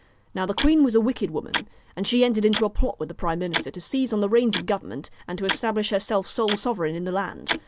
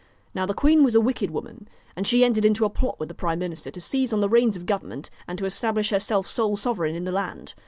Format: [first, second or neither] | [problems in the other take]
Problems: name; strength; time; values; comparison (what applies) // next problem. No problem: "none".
second | background sound (Tick-tock); 11 dB below the speech